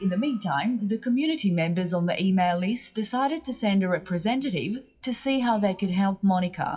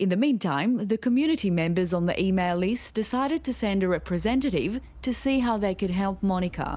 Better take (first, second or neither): second